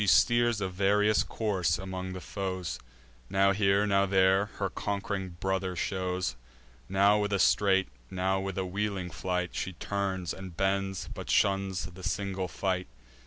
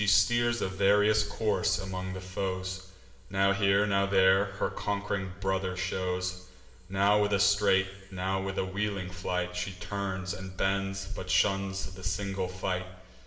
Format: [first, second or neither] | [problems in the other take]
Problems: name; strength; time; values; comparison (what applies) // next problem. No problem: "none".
first | room echo; dies away in 1.6 s